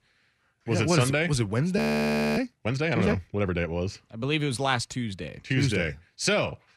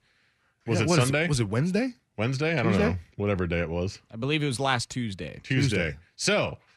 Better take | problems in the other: second | audio freezing; at 2 s for 0.5 s

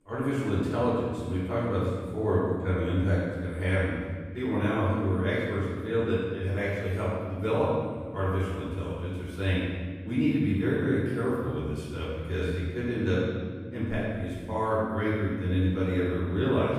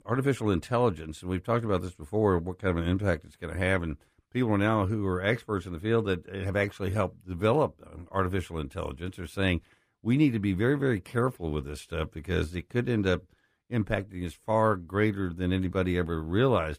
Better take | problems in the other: second | room echo; strong; dies away in 1.5 s // off-mic speech; far

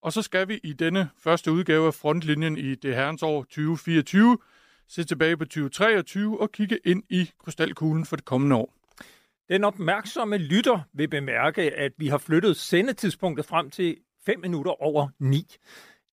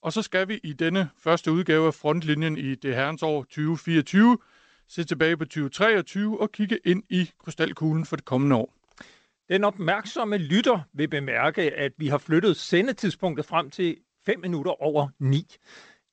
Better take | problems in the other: first | garbled, watery; slightly; nothing above 8 kHz

